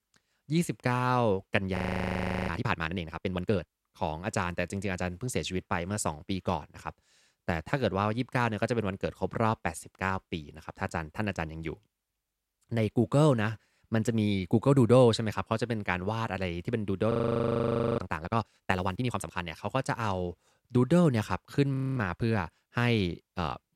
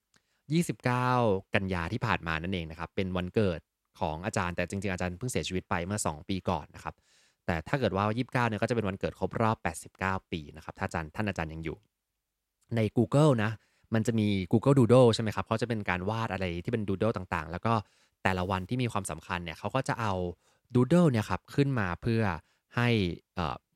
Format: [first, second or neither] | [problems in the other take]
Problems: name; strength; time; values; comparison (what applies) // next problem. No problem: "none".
second | audio freezing; at 2 s for 0.5 s, at 17 s for 1 s and at 22 s